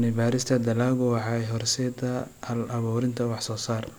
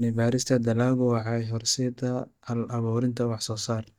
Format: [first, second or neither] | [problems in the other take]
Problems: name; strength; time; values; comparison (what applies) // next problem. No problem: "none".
first | noise reduction (neural mask model DeepFilterNet 3)